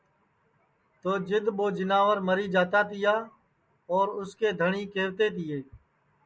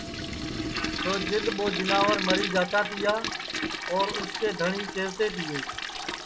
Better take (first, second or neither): first